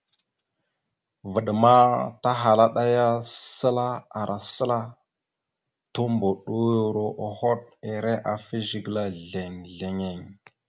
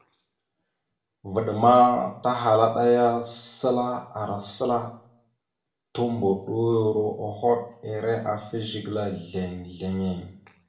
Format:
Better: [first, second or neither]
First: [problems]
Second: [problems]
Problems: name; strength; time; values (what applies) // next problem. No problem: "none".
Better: first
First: none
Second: room echo; dies away in 0.5 s